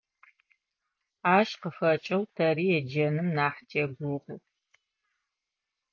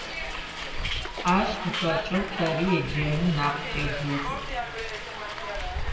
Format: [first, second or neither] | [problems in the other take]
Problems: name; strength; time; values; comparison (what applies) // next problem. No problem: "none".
first | background sound (Hiss); 3 dB below the speech // room echo; dies away in 2 s